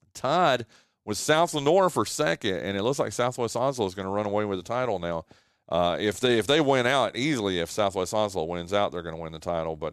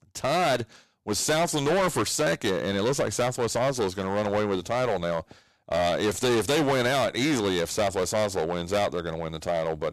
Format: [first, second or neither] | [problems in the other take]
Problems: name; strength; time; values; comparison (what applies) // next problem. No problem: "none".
first | distortion; heavy; 16% of the sound clipped